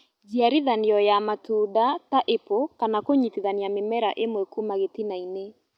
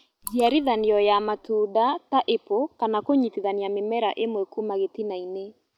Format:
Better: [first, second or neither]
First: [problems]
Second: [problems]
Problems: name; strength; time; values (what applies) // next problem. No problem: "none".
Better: first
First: none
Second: background sound (Raindrop / Drip); 20 dB below the speech